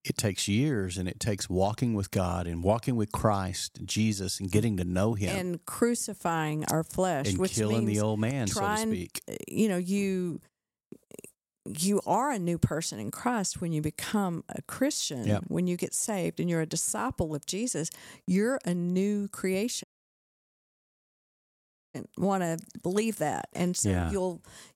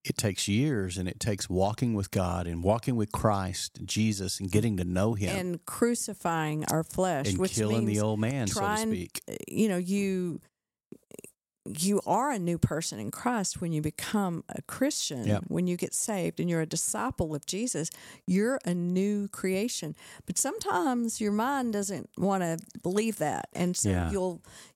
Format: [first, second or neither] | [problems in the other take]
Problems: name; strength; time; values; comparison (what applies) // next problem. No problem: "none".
second | audio cutting out; at 20 s for 2 s